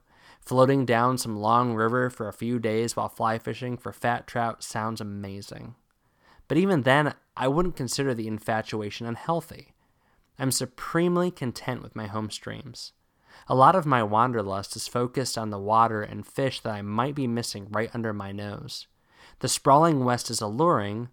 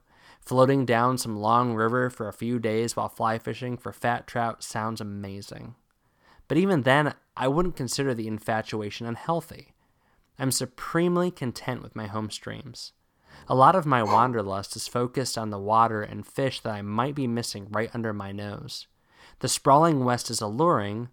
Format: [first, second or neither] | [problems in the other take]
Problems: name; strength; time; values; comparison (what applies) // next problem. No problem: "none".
first | dog barking; noticeable; at 14 s; peak 2 dB below the speech